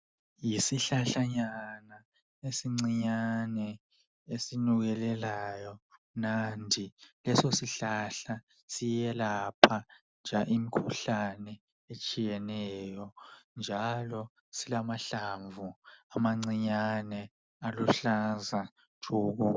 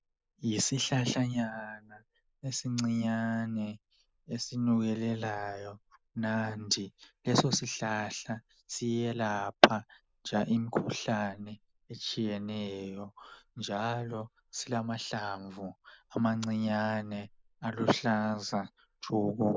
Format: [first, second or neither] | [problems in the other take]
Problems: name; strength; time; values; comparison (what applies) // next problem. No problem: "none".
first | noise reduction (neural mask model Resemble Enhance denoiser)